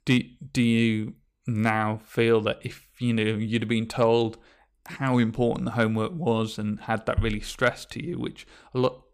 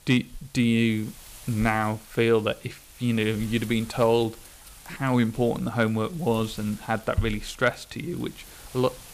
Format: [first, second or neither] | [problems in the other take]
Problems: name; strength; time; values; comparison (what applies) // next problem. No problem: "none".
first | wind noise on the microphone; occasional gusts; 20 dB below the speech